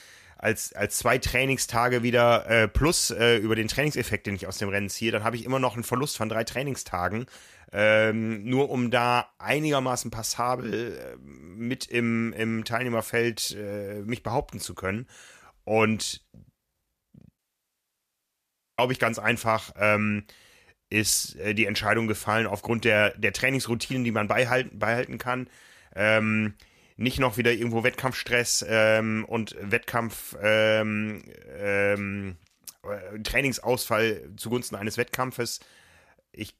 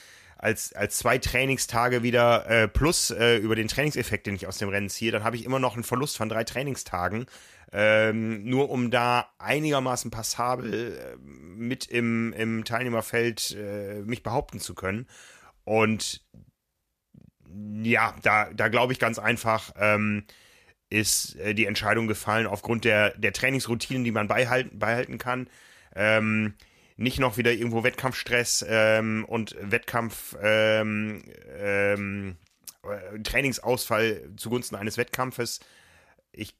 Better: second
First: audio cutting out; at 17 s for 1.5 s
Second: none

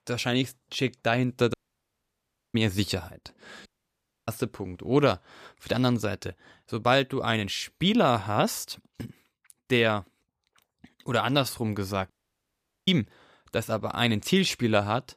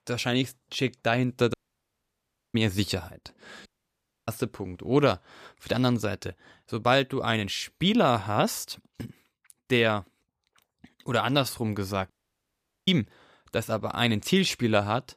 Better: neither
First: audio cutting out; at 1.5 s for 1 s, at 3.5 s for 0.5 s and at 12 s for 1 s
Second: audio cutting out; at 1.5 s for 1 s, at 3.5 s for 0.5 s and at 12 s for 1 s

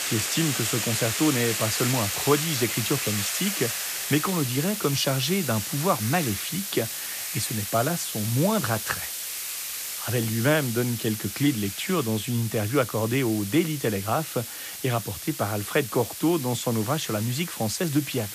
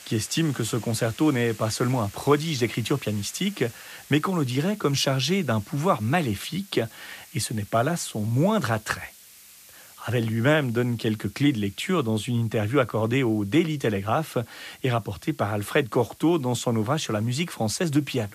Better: second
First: hiss; loud; throughout; 3 dB below the speech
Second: hiss; faint; throughout; 20 dB below the speech

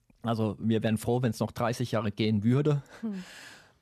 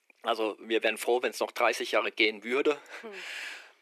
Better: first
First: none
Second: thin; very; fading below 350 Hz

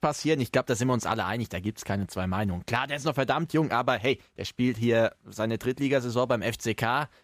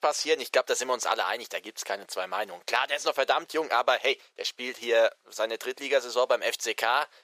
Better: first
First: none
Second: thin; very; fading below 500 Hz

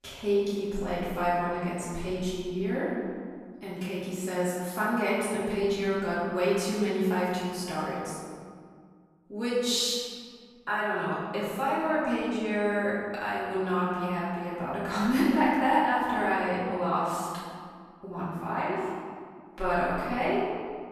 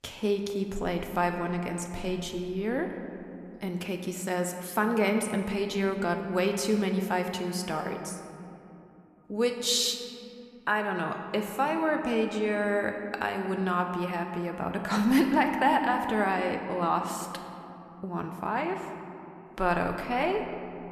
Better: second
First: room echo; strong; dies away in 1.8 s // off-mic speech; far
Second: room echo; slight; dies away in 2.3 s

